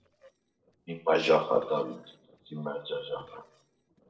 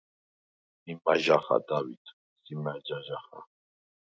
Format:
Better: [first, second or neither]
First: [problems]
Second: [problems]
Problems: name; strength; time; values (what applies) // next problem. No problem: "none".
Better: second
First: noise reduction (neural separator model SepFormer DNS4)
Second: none